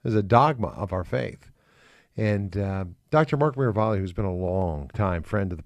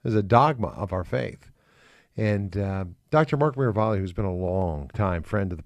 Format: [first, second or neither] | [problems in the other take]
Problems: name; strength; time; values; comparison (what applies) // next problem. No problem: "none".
neither | none